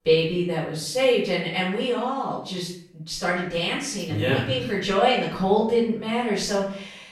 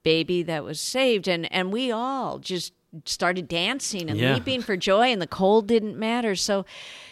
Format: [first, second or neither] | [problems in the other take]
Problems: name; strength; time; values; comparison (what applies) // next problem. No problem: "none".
second | off-mic speech; far // room echo; noticeable; dies away in 0.6 s